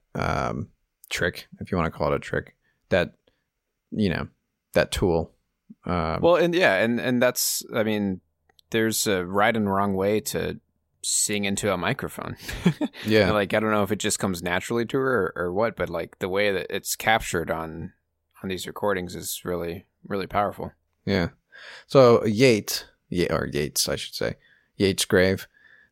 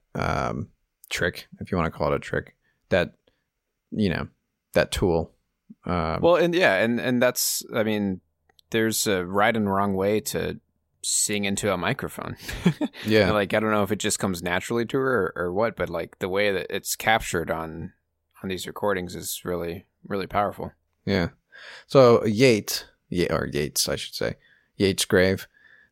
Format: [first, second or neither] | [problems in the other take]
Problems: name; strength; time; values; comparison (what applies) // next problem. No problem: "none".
neither | none